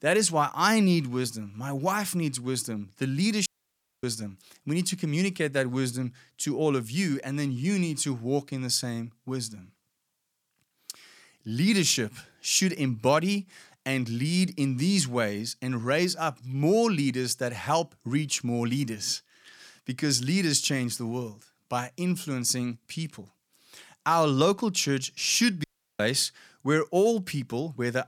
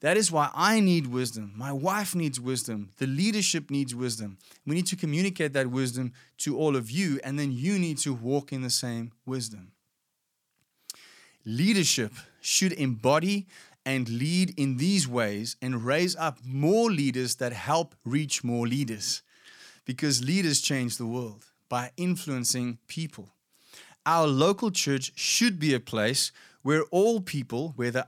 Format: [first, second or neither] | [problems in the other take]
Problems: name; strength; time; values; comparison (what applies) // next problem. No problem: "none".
second | audio cutting out; at 3.5 s for 0.5 s and at 26 s